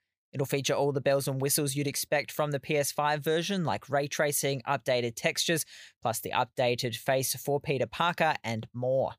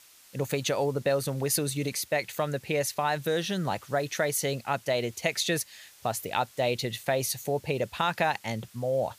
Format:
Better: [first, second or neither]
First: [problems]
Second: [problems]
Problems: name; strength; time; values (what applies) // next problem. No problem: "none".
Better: first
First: none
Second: hiss; faint; throughout; 25 dB below the speech